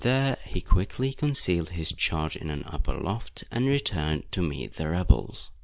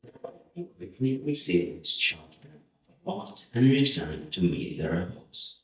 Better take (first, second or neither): first